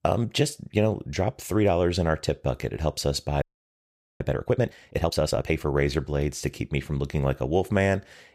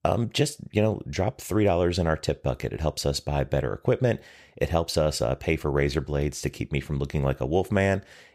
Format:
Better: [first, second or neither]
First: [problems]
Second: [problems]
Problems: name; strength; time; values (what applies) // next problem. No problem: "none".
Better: second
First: audio freezing; at 3.5 s for 1 s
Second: none